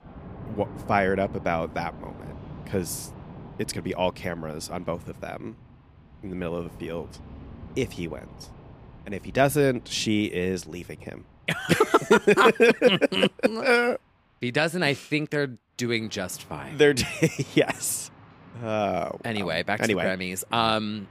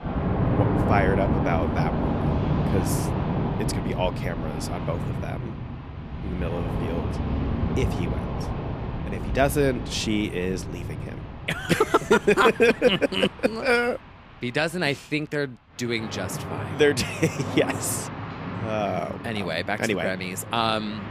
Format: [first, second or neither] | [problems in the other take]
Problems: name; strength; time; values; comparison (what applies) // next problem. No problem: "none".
first | rain or running water; loud; throughout; 4 dB below the speech; faint in the first